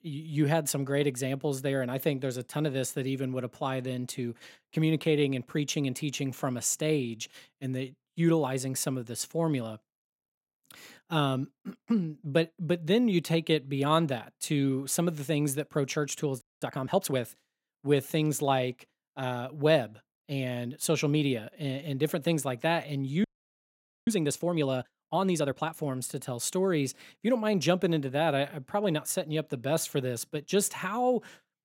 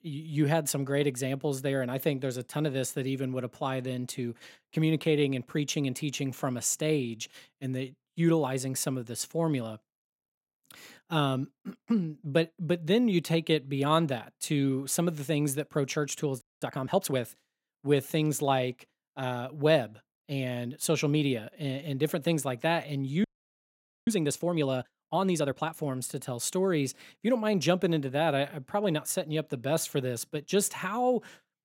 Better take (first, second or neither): neither